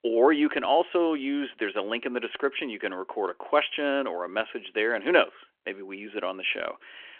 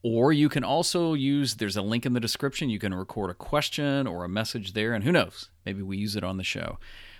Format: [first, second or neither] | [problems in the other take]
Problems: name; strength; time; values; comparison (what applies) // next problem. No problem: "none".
second | phone-call audio